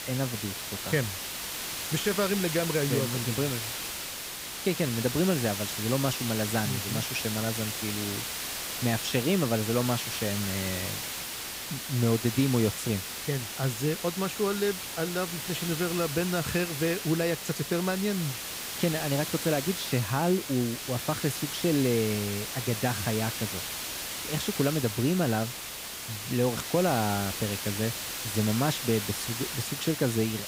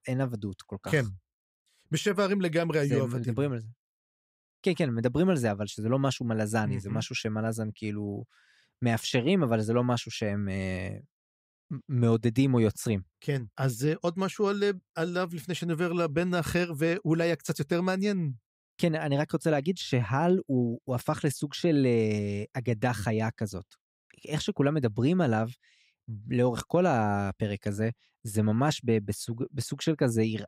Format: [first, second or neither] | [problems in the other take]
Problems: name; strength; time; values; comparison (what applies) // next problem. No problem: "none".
second | hiss; loud; throughout; 3 dB below the speech